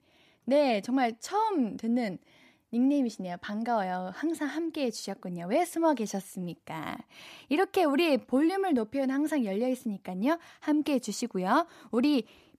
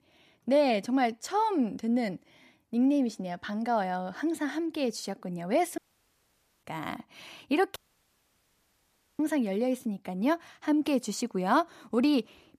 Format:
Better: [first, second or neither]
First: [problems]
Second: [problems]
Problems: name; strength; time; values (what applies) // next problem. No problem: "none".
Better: first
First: none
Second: audio cutting out; at 6 s for 1 s and at 8 s for 1.5 s